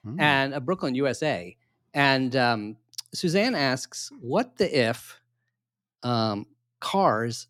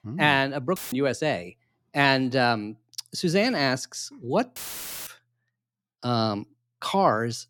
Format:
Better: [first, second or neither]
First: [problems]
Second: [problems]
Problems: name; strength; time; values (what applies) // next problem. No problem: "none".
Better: first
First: none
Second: audio cutting out; filled with static; at 1 s and at 4.5 s for 0.5 s